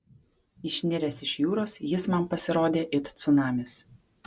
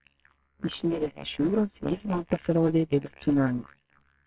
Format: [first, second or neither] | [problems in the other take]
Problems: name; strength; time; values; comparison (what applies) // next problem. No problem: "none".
first | noise reduction (neural separator model SepFormer WHAMR!)